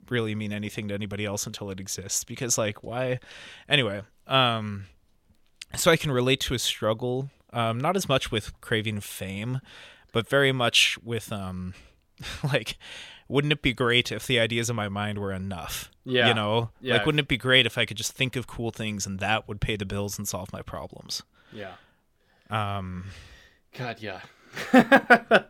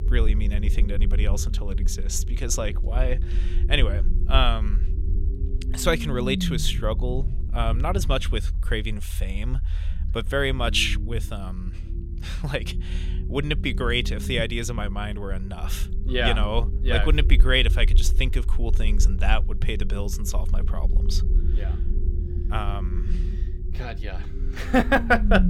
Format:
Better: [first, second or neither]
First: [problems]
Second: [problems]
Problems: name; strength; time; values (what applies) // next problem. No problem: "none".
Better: first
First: none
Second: low rumble; noticeable; throughout; 15 dB below the speech